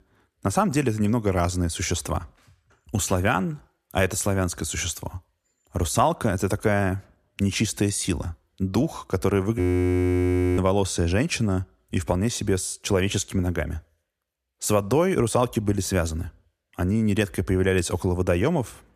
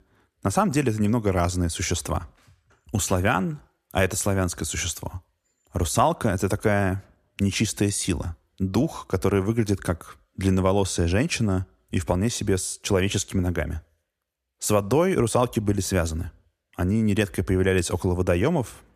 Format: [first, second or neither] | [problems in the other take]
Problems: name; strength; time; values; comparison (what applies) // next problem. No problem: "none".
second | audio freezing; at 9.5 s for 1 s